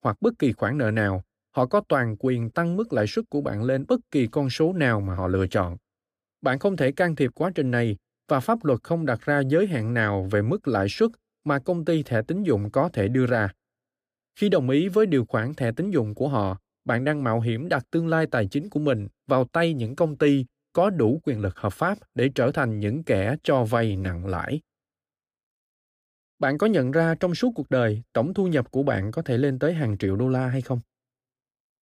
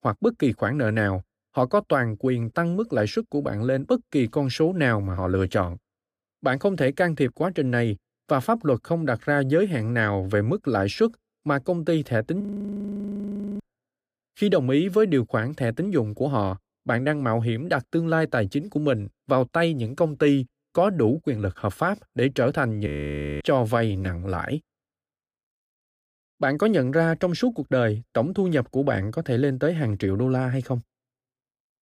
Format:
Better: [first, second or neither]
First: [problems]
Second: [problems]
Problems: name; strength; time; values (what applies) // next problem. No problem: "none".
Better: first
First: none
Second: audio freezing; at 12 s for 1 s and at 23 s for 0.5 s